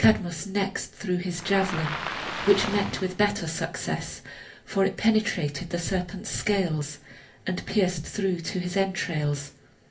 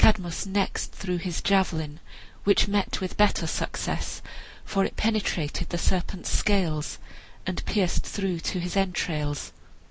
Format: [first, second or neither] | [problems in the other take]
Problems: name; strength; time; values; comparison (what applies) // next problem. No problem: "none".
second | background sound (Waves, surf); 7 dB below the speech // room echo; dies away in 0.3 s